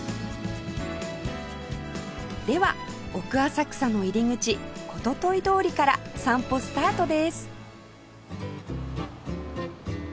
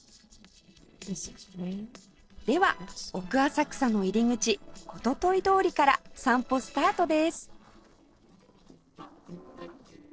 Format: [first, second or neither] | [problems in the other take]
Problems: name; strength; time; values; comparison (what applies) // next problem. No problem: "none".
first | noise reduction (neural separator model SepFormer DNS4)